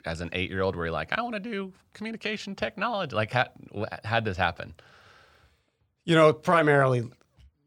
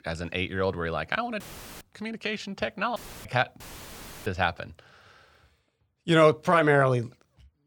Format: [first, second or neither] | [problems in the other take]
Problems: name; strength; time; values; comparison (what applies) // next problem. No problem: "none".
first | audio cutting out; filled with static; at 1.5 s, at 3 s and at 3.5 s for 0.5 s